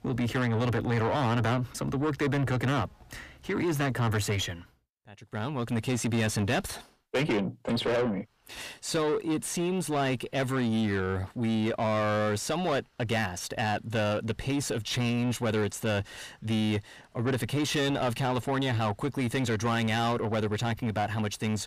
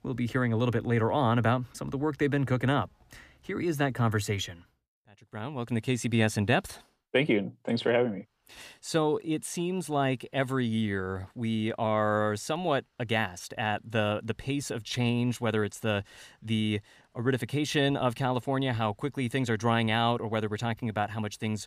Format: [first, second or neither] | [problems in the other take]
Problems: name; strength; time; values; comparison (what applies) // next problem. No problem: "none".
second | distortion; heavy; 7 dB below the speech